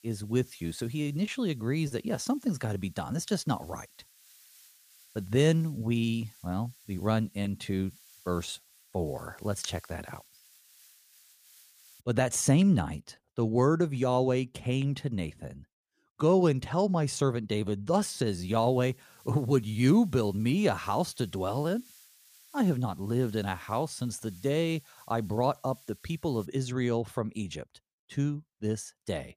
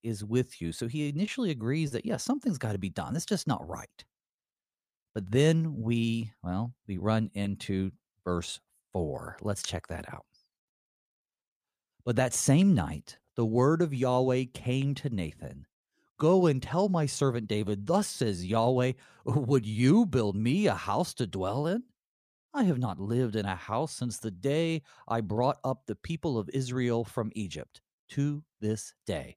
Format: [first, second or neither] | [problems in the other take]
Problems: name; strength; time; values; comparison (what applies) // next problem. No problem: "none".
second | hiss; faint; until 12 s and from 18 to 26 s; 25 dB below the speech